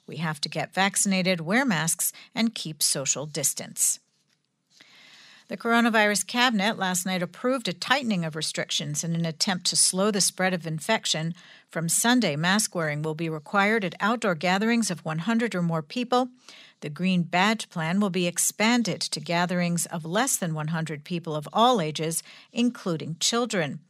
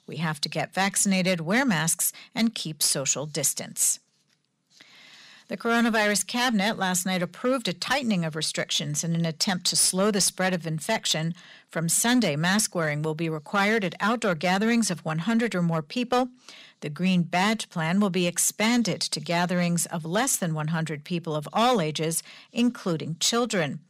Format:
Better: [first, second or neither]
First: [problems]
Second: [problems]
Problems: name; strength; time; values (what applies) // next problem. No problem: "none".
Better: first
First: none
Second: distortion; slight; 3% of the sound clipped